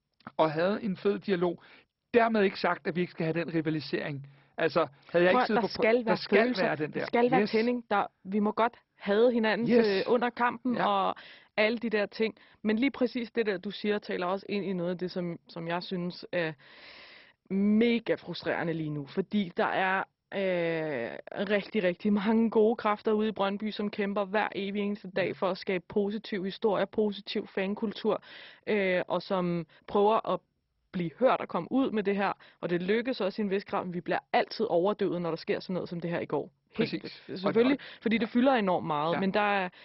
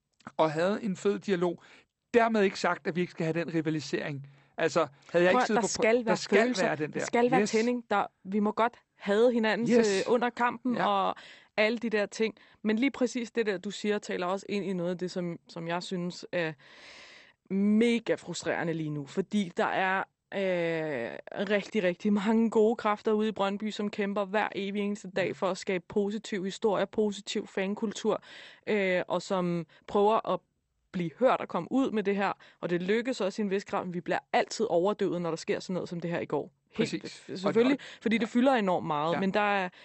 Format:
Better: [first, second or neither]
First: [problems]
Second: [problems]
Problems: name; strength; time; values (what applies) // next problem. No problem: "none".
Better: second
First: garbled, watery; badly; nothing above 5.5 kHz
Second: garbled, watery; slightly; nothing above 8 kHz